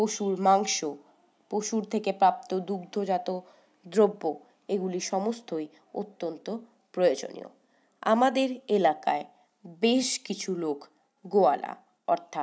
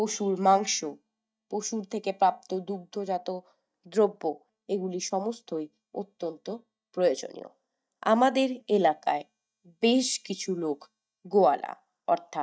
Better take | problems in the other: first | noise reduction (neural mask model DeepFilterNet 3)

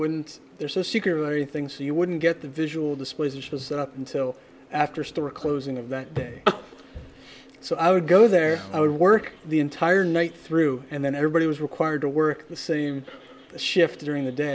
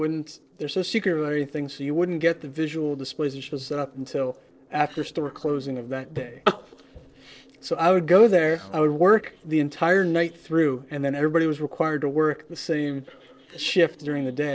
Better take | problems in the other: first | noise reduction (neural separator model SepFormer DNS4)

